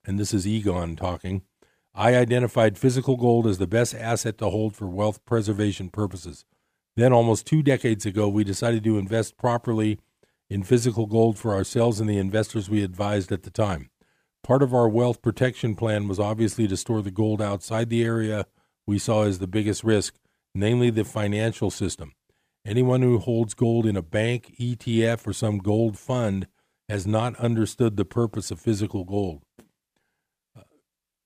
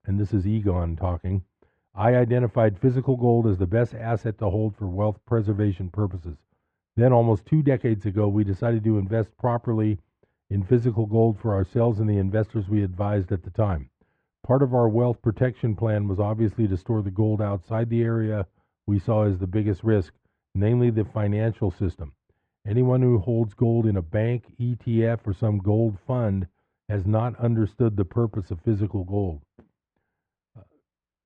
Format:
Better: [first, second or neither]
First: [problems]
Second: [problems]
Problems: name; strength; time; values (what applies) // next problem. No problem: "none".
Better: first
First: none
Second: muffled; very; fading above 1.5 kHz